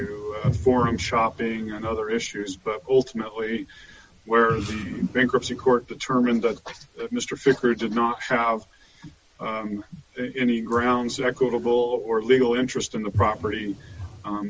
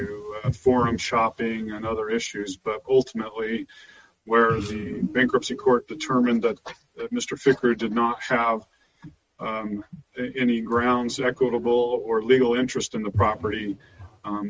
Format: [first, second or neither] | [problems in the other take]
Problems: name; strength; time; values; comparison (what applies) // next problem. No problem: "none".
first | noise reduction (neural mask model RNNoise)